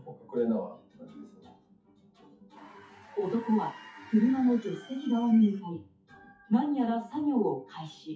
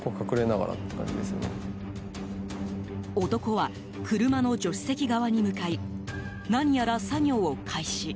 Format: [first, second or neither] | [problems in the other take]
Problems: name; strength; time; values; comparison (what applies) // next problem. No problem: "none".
second | noise reduction (classical method WPE with log-MMSE)